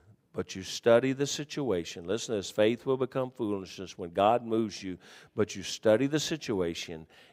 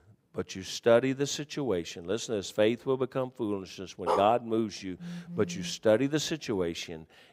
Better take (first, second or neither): first